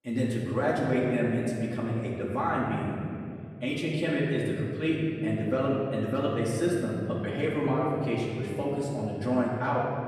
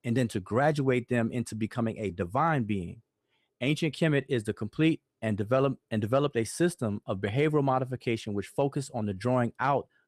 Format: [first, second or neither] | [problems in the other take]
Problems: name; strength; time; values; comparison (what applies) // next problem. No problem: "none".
second | off-mic speech; far // room echo; noticeable; dies away in 2.3 s